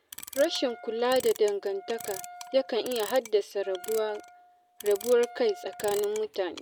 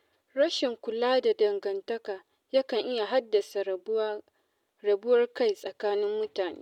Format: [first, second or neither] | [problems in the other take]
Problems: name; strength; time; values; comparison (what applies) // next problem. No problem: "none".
second | background sound (Wind instrument, woodwind instrument + Clock); 15 dB below the speech